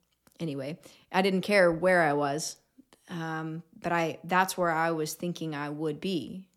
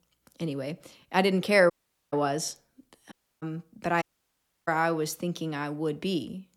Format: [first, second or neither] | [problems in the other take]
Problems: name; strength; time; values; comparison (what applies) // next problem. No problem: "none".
first | audio cutting out; at 1.5 s, at 3 s and at 4 s for 0.5 s